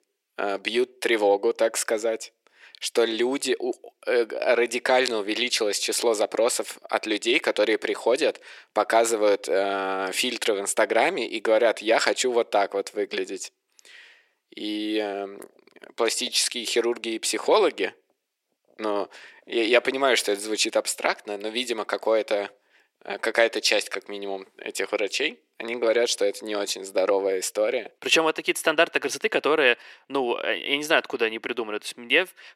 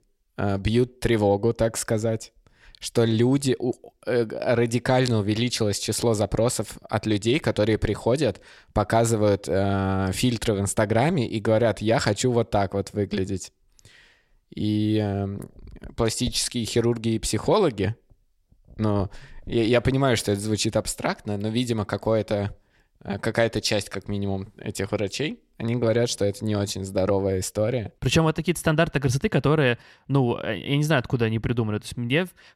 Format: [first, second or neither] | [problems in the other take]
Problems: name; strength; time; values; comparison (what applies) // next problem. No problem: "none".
second | thin; very; fading below 350 Hz